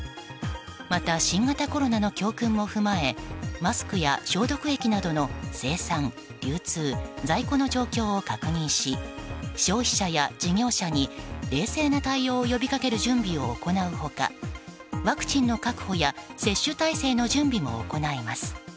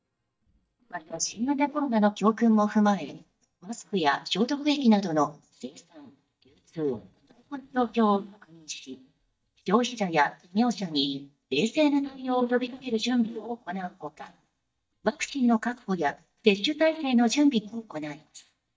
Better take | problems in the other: first | noise reduction (neural mask model DeepFilterNet 3)

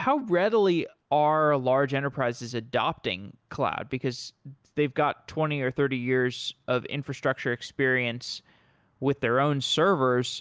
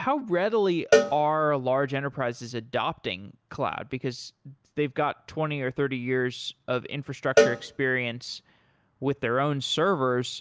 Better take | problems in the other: first | background sound (Cowbell); 2 dB below the speech

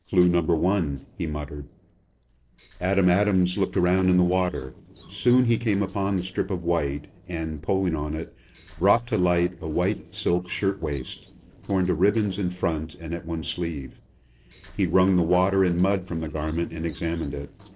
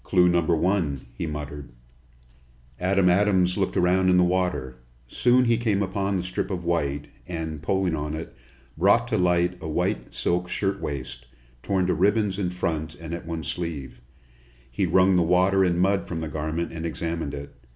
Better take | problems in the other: second | noise reduction (neural separator model SepFormer DNS4)

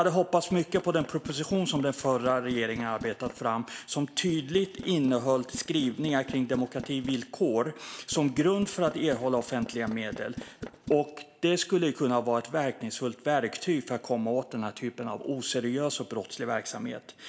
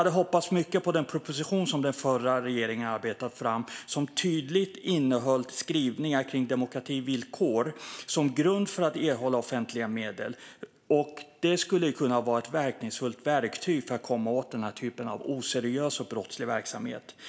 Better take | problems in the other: second | noise reduction (neural mask model Resemble Enhance denoiser)

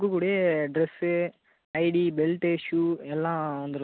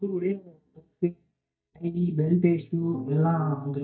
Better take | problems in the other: first | noise reduction (neural mask model DeepFilterNet 3)

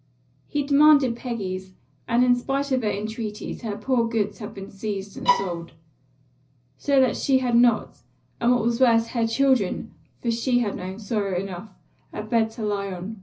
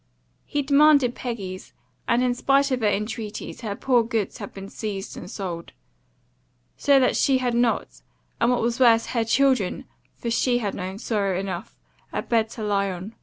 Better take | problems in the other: second | background sound (Bowed string instrument); as loud as the speech // room echo; dies away in 0.4 s

